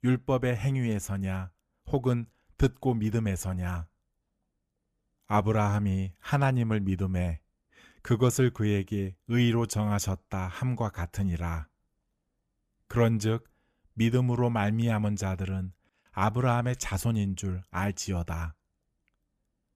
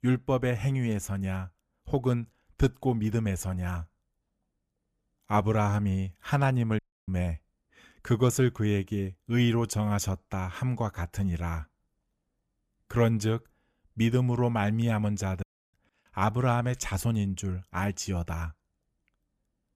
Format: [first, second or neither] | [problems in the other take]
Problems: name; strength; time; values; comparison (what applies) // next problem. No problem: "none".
first | audio cutting out; at 7 s and at 15 s